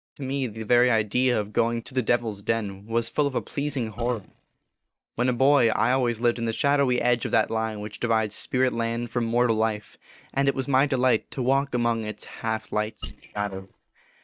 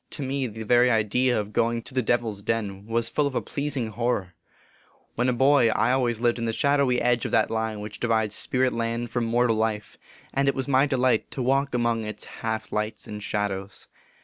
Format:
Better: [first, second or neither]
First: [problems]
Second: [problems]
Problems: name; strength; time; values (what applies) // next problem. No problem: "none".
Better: second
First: noise reduction (neural mask model DeepFilterNet 3)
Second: none